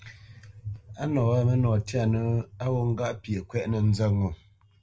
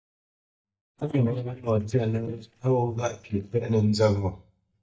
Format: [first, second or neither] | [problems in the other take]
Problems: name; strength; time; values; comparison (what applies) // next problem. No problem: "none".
first | noise reduction (neural mask model DeepFilterNet 3)